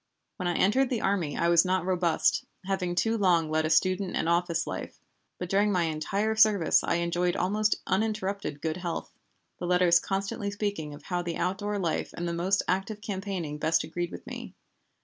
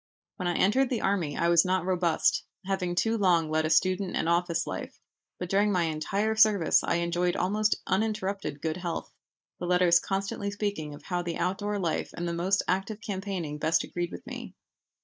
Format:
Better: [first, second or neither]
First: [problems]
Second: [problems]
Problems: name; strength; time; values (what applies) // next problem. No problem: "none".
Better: first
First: none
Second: noise reduction (neural mask model Resemble Enhance denoiser)